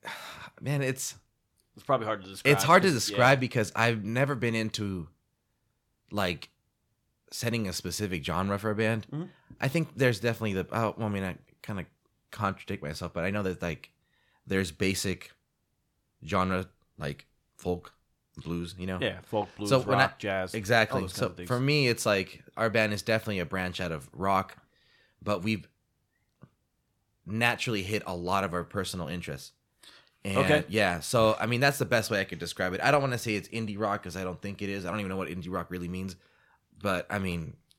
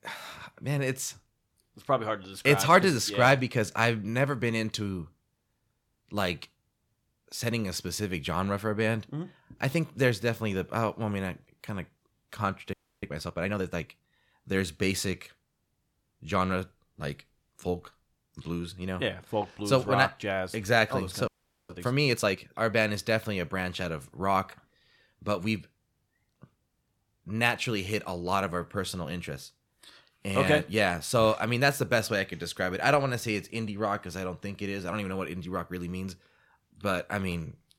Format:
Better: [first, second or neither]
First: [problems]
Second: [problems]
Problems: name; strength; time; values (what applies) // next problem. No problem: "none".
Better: first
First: none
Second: audio freezing; at 13 s and at 21 s